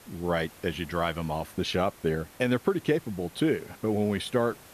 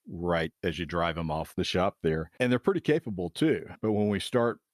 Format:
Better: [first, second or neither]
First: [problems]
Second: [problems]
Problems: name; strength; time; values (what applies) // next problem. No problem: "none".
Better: second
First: hiss; faint; throughout; 20 dB below the speech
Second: none